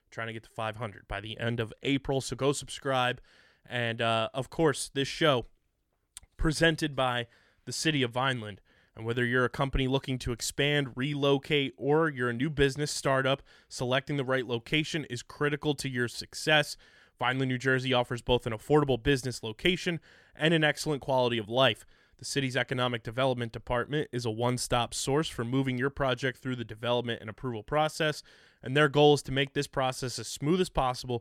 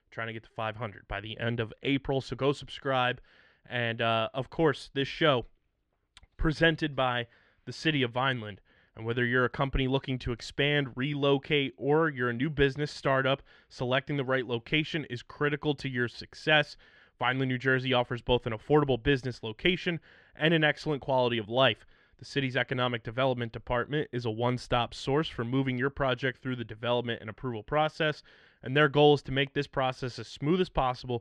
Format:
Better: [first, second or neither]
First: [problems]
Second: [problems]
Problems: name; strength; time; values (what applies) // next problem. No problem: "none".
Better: first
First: none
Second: muffled; slightly; fading above 3 kHz